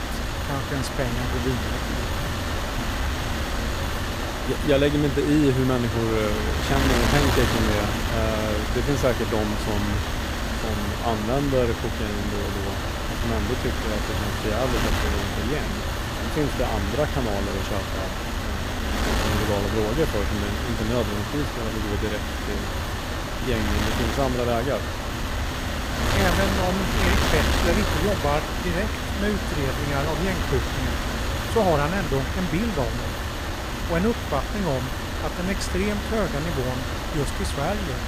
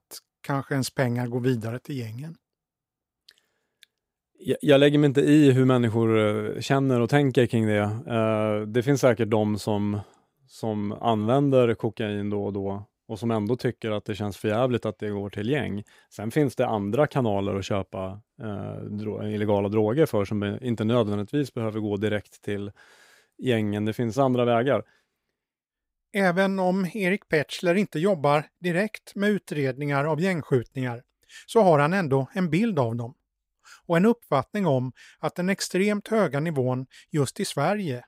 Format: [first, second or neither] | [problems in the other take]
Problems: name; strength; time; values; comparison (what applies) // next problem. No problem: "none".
second | wind noise on the microphone; heavy; as loud as the speech